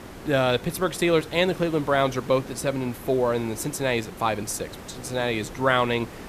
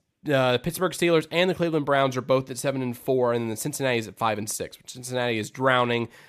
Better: second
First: hiss; noticeable; throughout; 15 dB below the speech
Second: none

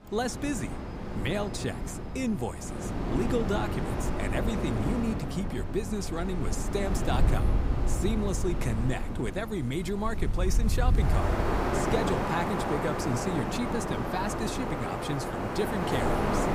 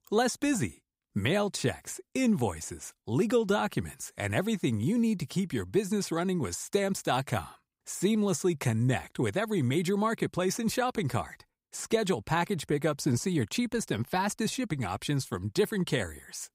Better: second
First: wind in the background; very loud; throughout; 1 dB above the speech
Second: none

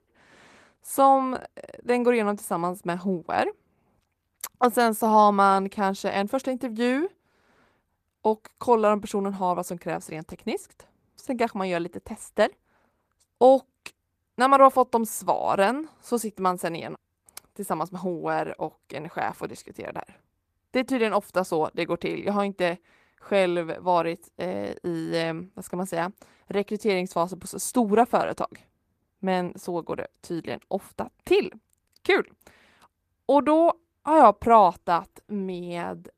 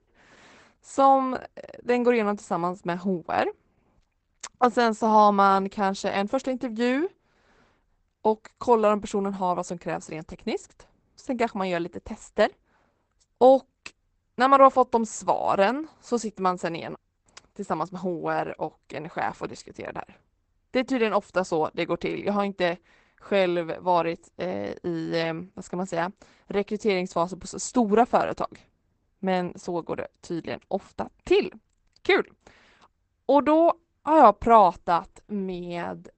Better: first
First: garbled, watery; slightly; nothing above 14.5 kHz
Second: garbled, watery; badly; nothing above 8 kHz

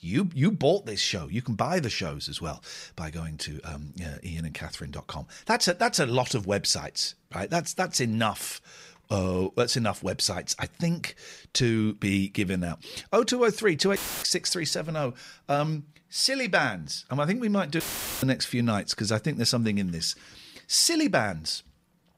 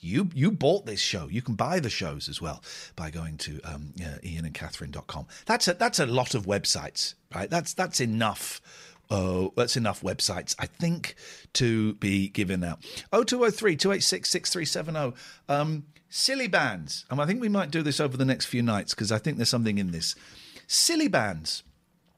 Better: second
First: audio cutting out; filled with static; at 14 s and at 18 s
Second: none

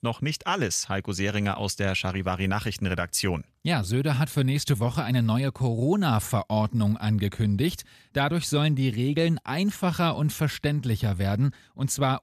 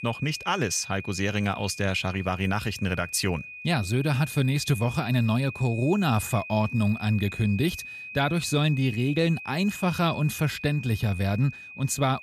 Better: first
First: none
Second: high-pitched whine; noticeable; throughout; 2.5 kHz, 10 dB below the speech

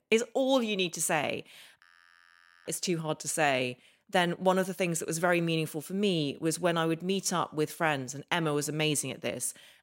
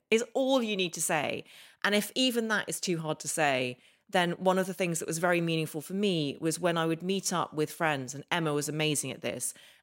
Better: second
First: audio freezing; at 2 s for 1 s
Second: none

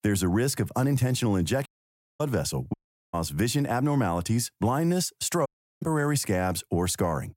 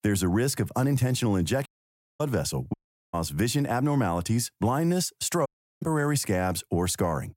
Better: neither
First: audio cutting out; at 1.5 s for 0.5 s, at 2.5 s and at 5.5 s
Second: audio cutting out; at 1.5 s for 0.5 s, at 2.5 s and at 5.5 s

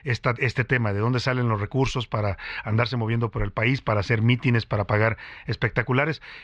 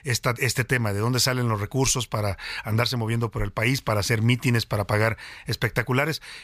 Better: second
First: muffled; slightly; fading above 3.5 kHz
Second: none

